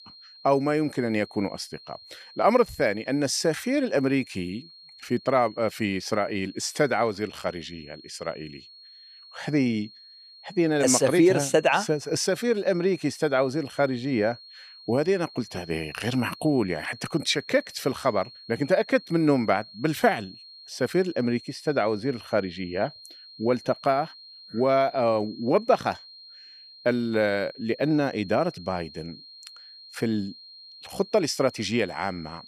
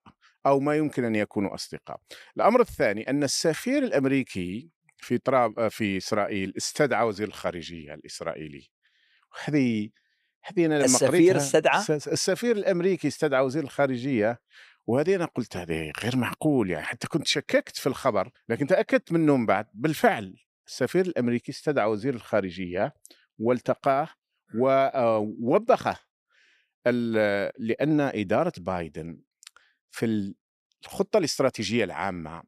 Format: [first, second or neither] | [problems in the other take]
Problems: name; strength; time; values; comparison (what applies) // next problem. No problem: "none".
second | high-pitched whine; noticeable; throughout; 4 kHz, 20 dB below the speech